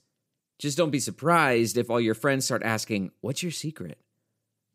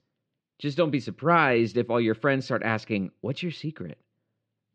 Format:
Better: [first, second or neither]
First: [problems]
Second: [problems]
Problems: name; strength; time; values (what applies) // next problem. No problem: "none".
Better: first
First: none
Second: muffled; slightly; fading above 3.5 kHz